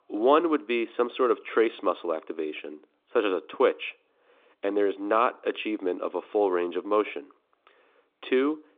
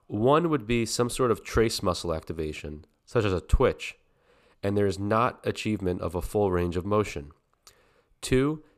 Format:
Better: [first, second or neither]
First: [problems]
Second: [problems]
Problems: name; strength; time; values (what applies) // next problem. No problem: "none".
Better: second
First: phone-call audio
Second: none